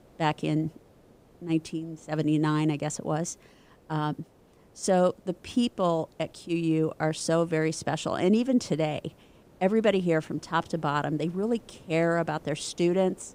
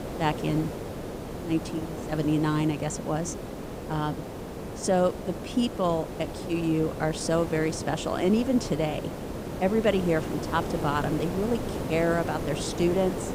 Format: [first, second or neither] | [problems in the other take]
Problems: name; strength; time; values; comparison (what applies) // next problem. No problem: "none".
first | hiss; loud; throughout; 7 dB below the speech; faint in the first